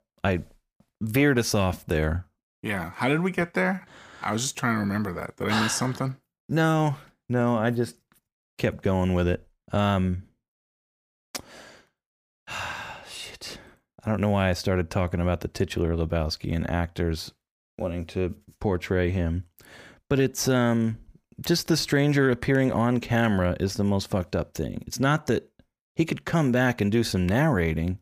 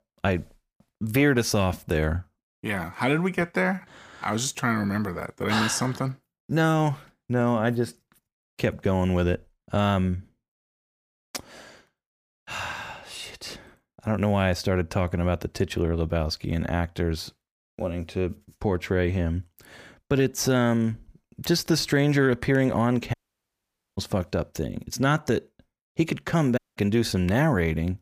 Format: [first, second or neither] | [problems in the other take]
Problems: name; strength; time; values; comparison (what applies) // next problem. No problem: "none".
first | audio cutting out; at 23 s for 1 s and at 27 s